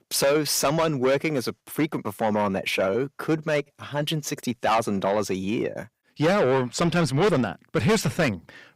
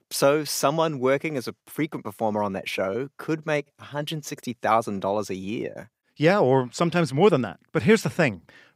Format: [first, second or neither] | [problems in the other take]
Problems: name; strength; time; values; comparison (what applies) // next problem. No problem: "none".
second | distortion; heavy; 6 dB below the speech